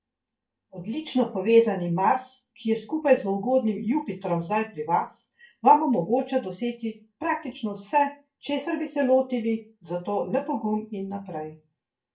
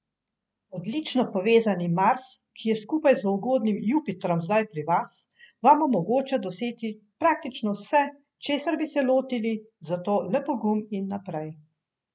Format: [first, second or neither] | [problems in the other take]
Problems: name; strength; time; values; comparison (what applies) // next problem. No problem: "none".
second | room echo; dies away in 0.2 s